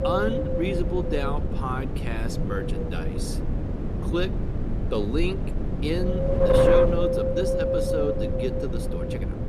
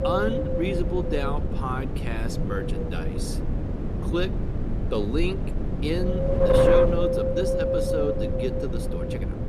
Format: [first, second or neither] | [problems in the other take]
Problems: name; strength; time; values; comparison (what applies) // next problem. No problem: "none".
neither | wind noise on the microphone; heavy; 5 dB above the speech; the same in both